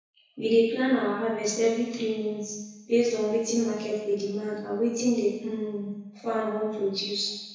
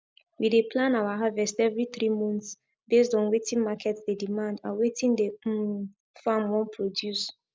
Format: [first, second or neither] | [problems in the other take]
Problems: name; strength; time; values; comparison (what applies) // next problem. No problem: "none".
second | room echo; dies away in 1 s